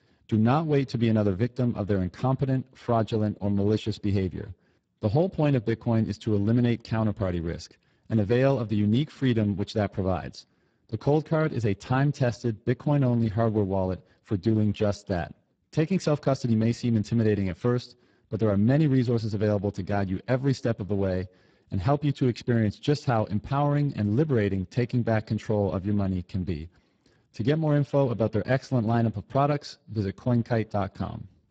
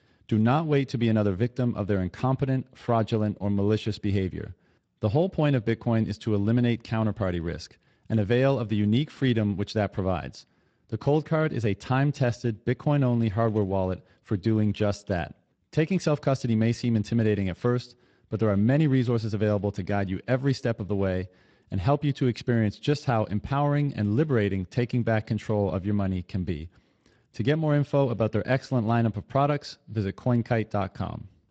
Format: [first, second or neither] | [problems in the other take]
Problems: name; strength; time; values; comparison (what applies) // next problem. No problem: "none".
second | garbled, watery; badly; nothing above 7.5 kHz; slightly in the second